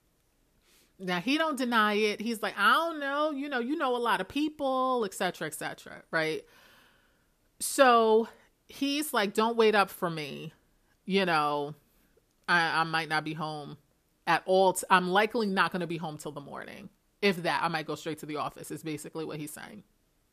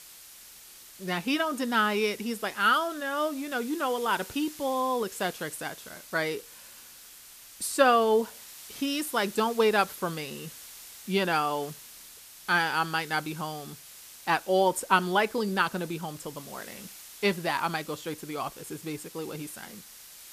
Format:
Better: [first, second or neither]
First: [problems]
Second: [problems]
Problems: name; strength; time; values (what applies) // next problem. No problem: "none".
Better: first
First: none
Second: hiss; noticeable; throughout; 15 dB below the speech